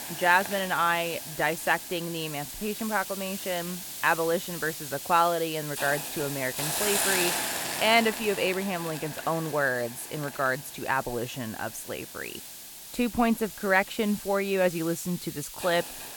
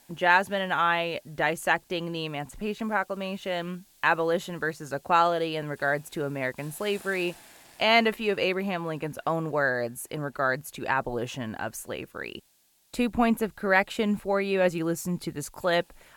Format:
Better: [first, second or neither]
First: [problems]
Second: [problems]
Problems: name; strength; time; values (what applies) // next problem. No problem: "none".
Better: second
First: hiss; loud; throughout; 6 dB below the speech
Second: hiss; faint; throughout; 30 dB below the speech